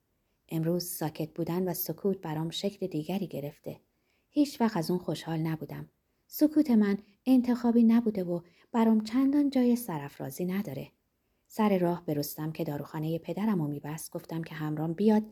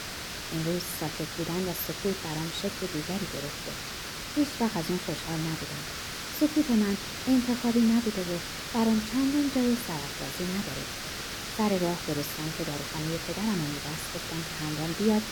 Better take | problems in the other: first | hiss; loud; throughout; 4 dB below the speech

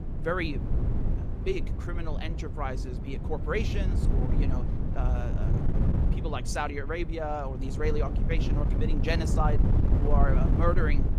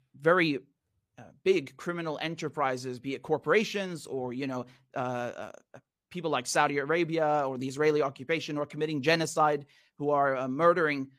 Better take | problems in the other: second | wind noise on the microphone; heavy; 6 dB below the speech

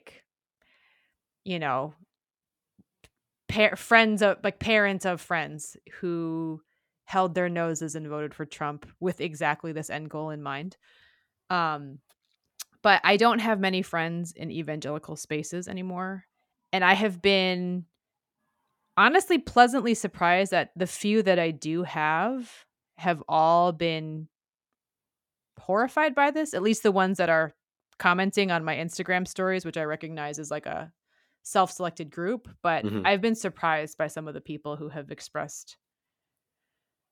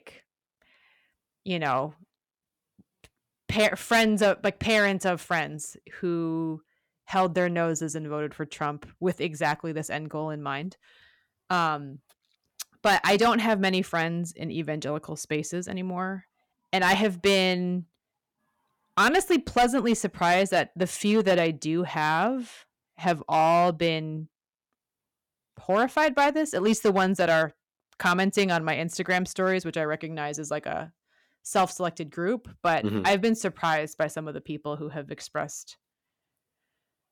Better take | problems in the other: first | distortion; slight; 3% of the sound clipped

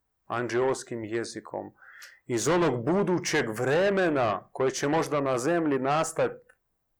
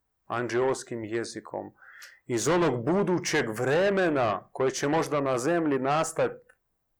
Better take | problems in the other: neither | distortion; heavy; 6 dB below the speech; the same in both

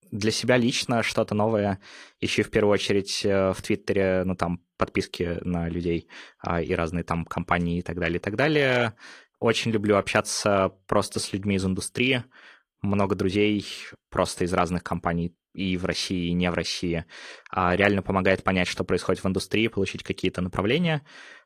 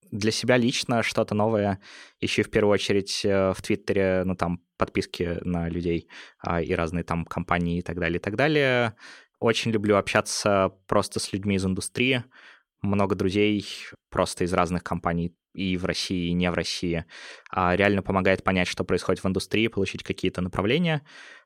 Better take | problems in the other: second | garbled, watery; slightly; nothing above 17 kHz

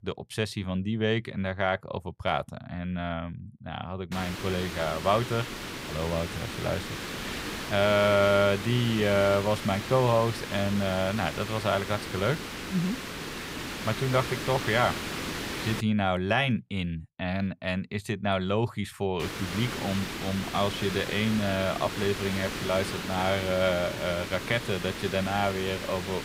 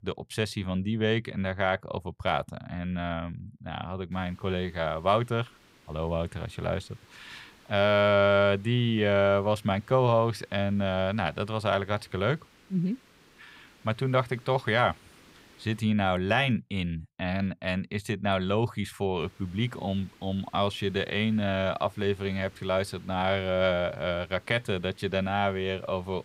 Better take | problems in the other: second | hiss; loud; from 4 to 16 s and from 19 s on; 6 dB below the speech; faint in the second

